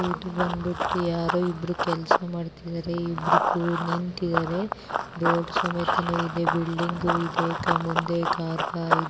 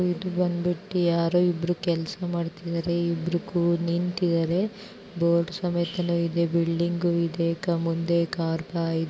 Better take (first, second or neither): second